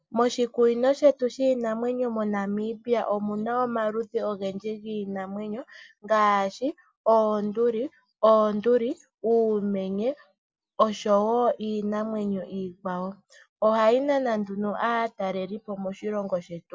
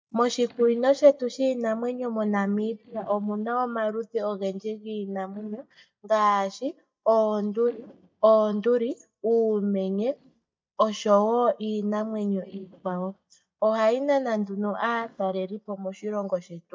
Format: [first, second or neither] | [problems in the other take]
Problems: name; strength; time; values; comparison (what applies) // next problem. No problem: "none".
first | noise reduction (neural mask model DeepFilterNet 3)